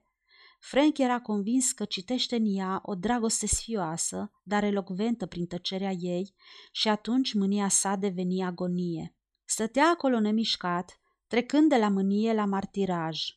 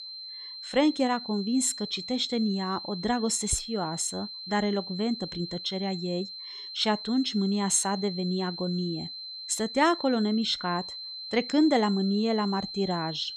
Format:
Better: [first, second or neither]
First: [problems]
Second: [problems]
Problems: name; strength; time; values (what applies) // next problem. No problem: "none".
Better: first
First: none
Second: high-pitched whine; loud; throughout; 4 kHz, 9 dB below the speech